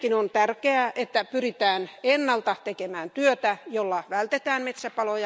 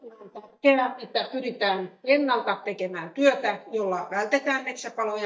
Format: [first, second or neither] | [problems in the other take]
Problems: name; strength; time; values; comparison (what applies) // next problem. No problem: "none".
first | noise reduction (neural mask model DeepFilterNet 3)